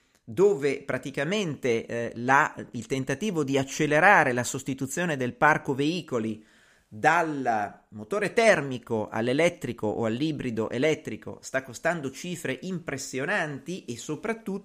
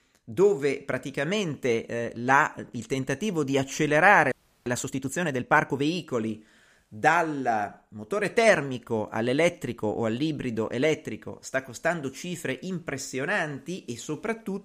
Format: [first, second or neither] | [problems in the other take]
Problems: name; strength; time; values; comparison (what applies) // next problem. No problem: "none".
first | audio freezing; at 4.5 s